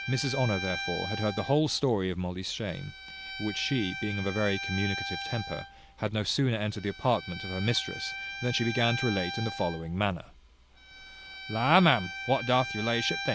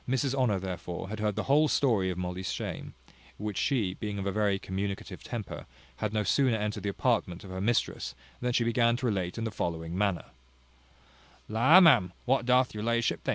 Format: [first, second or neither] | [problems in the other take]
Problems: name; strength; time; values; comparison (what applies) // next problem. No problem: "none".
second | background sound (Bowed string instrument); 9 dB below the speech